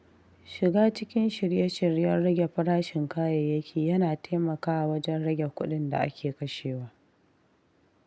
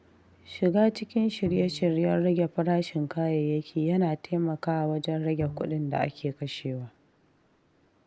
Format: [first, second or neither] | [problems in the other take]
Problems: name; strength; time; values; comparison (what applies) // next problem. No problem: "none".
first | background sound (Bowed string instrument); 19 dB below the speech